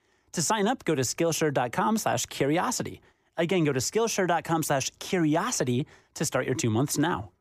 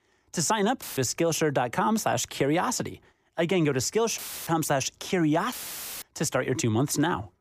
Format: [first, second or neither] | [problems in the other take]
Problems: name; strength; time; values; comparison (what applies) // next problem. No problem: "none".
first | audio cutting out; filled with static; at 1 s, at 4 s and at 5.5 s for 0.5 s